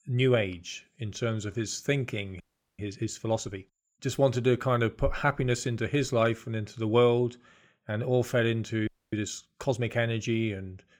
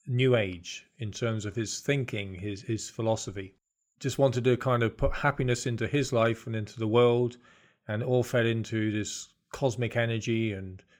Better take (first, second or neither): second